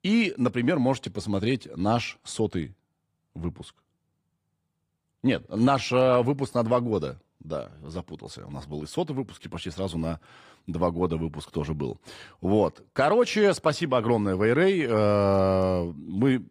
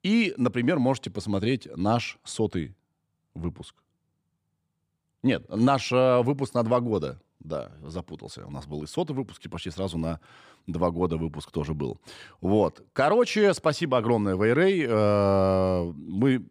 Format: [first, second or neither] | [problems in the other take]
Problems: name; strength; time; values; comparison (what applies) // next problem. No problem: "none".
second | garbled, watery; slightly; nothing above 15 kHz